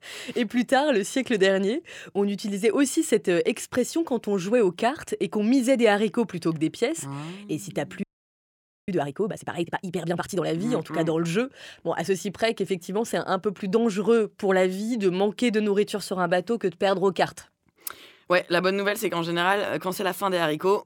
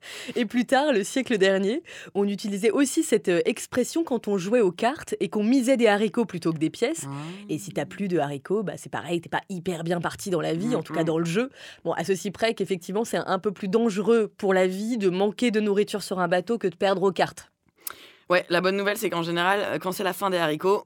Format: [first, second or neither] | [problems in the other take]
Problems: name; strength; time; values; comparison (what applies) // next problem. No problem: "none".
second | audio freezing; at 8 s for 1 s